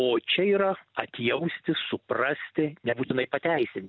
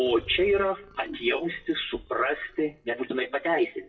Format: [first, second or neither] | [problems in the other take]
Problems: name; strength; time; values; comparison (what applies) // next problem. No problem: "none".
first | noise reduction (classical method WPE with log-MMSE)